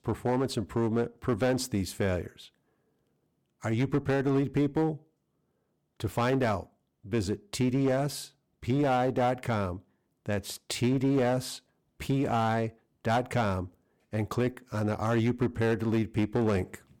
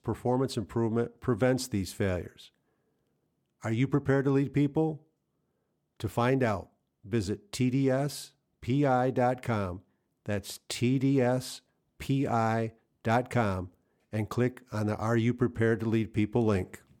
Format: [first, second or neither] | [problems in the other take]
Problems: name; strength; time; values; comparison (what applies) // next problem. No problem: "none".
second | distortion; slight; 9% of the sound clipped